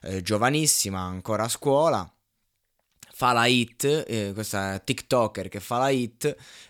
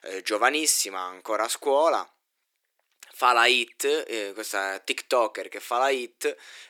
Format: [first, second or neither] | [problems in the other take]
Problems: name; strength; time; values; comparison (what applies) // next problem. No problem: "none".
first | thin; very; fading below 350 Hz